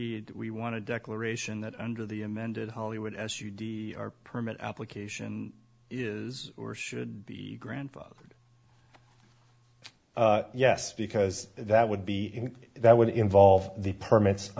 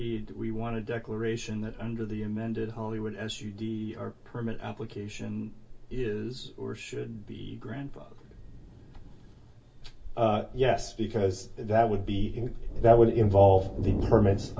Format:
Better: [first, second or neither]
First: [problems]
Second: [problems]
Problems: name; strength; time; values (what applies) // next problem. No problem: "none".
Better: first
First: none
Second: background sound (Thunder); 9 dB below the speech // room echo; dies away in 0.1 s